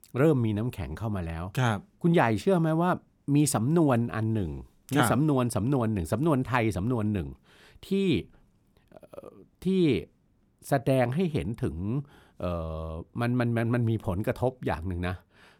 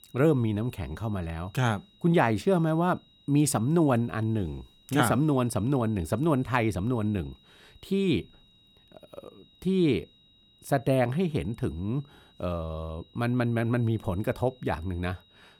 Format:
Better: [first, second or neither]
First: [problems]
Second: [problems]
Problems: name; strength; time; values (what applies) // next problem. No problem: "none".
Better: first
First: none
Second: high-pitched whine; faint; throughout; 4 kHz, 30 dB below the speech